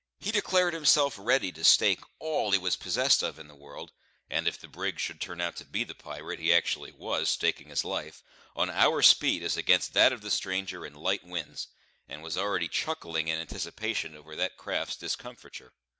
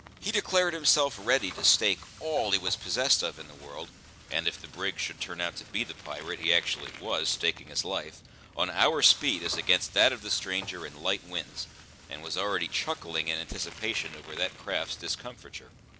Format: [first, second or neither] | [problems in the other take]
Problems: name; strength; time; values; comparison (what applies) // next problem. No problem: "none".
first | background sound (Bicycle + Frying (food)); 18 dB below the speech